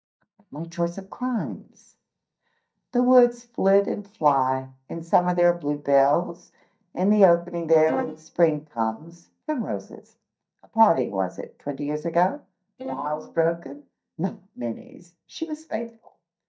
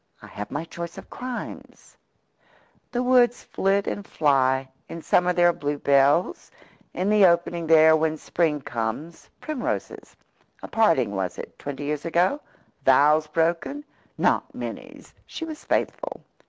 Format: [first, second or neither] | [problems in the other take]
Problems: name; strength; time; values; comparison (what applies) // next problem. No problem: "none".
second | noise reduction (neural mask model DeepFilterNet 3)